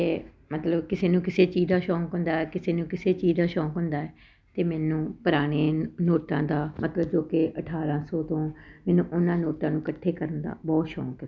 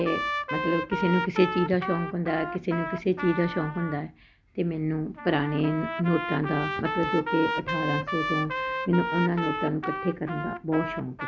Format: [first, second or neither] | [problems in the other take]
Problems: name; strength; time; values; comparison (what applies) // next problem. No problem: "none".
first | background sound (Trumpet); 5 dB below the speech